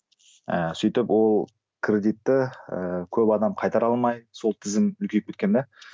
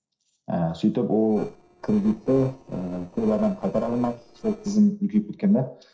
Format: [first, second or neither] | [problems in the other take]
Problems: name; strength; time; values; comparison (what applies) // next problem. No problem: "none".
first | noise reduction (neural separator model SepFormer DNS4)